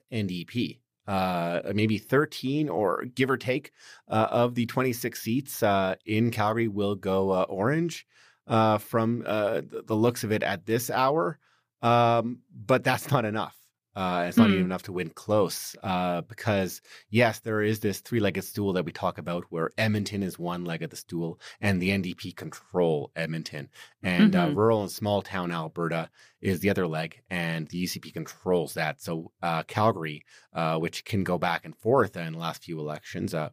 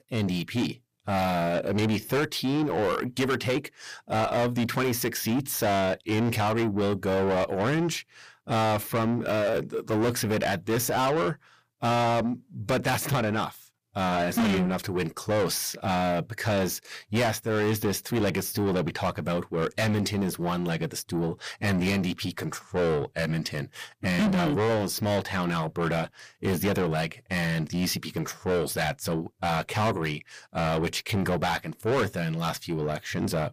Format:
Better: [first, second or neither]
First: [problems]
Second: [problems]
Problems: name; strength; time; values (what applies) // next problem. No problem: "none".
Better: first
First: none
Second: distortion; heavy; 6 dB below the speech